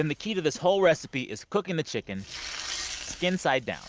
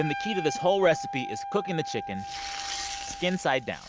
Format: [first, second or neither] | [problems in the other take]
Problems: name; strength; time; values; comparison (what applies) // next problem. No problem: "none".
first | background sound (Wind instrument, woodwind instrument); 8 dB below the speech